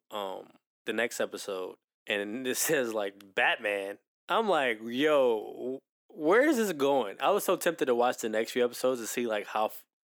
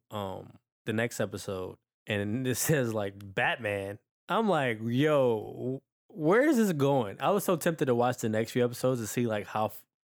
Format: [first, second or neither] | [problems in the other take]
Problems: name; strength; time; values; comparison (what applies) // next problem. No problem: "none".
second | thin; very slightly; fading below 300 Hz